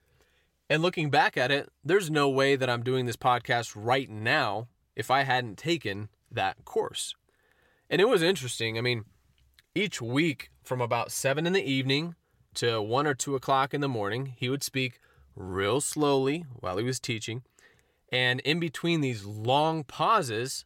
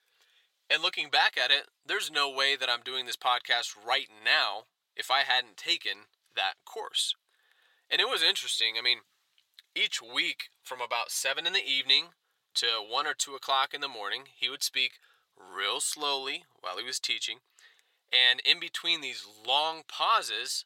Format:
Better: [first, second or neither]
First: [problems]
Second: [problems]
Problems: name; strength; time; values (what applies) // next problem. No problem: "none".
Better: first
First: none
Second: thin; very; fading below 850 Hz